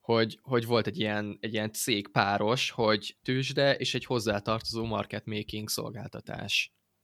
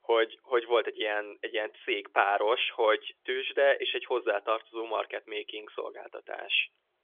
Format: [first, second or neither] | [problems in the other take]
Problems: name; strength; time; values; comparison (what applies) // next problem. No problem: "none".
first | phone-call audio; nothing above 3.5 kHz